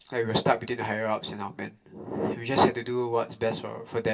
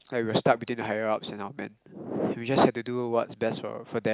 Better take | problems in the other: second | room echo; dies away in 0.2 s

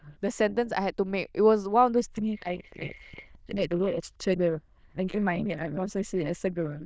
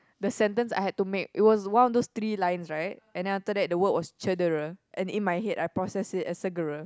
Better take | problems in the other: second | noise reduction (neural diffusion model UNIVERSE++)

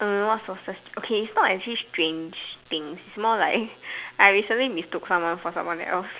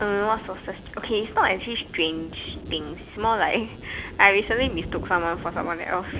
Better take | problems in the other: first | background sound (Thunder); 12 dB below the speech

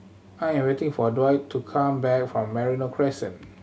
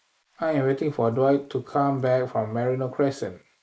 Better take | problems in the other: first | noise reduction (neural mask model Resemble Enhance denoiser)

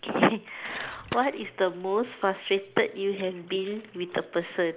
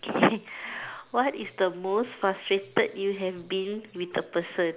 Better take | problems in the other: second | noise reduction (neural mask model Resemble Enhance denoiser)

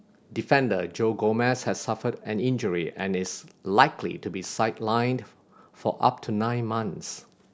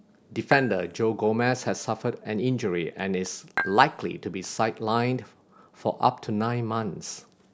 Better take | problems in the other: first | background sound (Dishes, pots, and pans / Chink, clink); 5 dB below the speech

